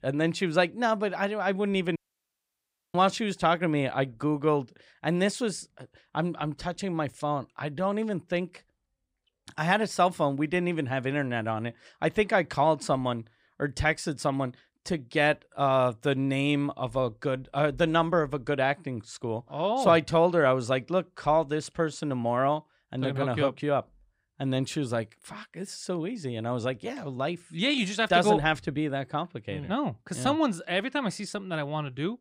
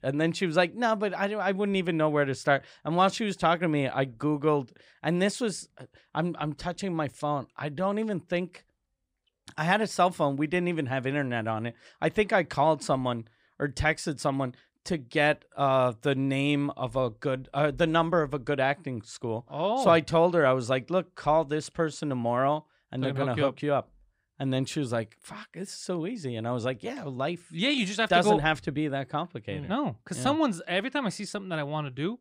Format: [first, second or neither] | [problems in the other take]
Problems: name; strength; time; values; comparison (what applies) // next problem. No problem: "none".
second | audio cutting out; at 2 s for 1 s